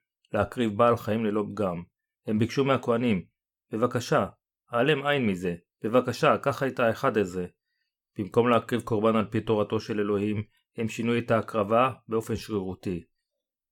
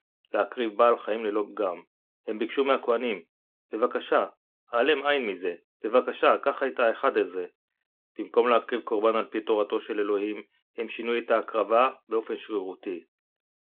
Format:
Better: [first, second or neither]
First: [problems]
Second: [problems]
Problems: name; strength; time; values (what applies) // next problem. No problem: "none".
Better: first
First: none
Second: phone-call audio